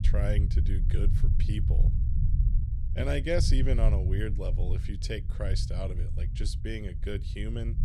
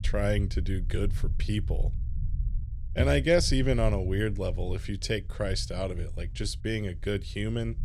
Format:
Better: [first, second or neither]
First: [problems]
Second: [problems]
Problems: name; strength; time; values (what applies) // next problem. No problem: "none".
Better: second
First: low rumble; loud; throughout; 9 dB below the speech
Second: low rumble; faint; throughout; 20 dB below the speech